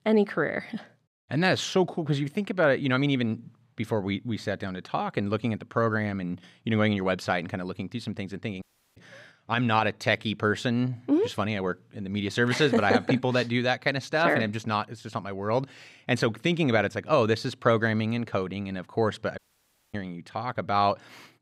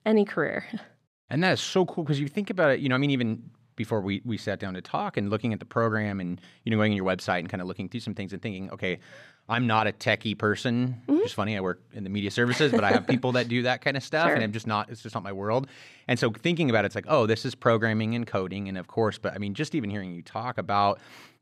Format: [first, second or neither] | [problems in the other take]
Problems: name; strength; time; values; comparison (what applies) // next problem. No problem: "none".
second | audio cutting out; at 8.5 s and at 19 s for 0.5 s